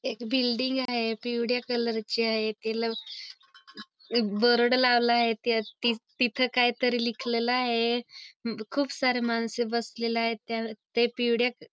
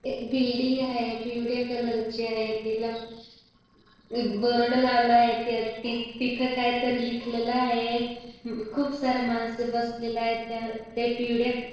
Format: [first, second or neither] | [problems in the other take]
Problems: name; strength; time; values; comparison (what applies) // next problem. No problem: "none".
first | noise reduction (neural separator model SepFormer DNS4)